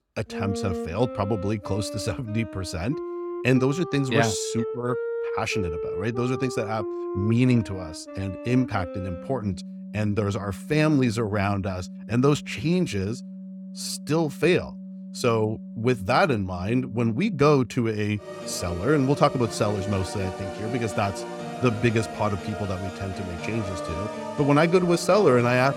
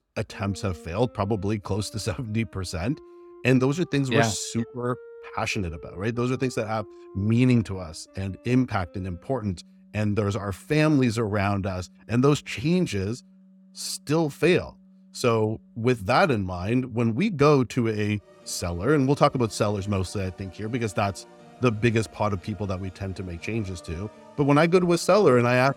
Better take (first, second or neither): second